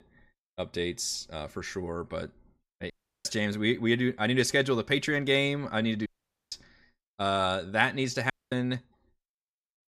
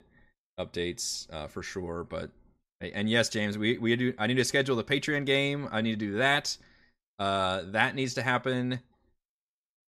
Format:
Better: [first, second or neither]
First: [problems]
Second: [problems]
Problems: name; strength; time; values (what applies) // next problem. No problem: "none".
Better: second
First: audio cutting out; at 3 s, at 6 s and at 8.5 s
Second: none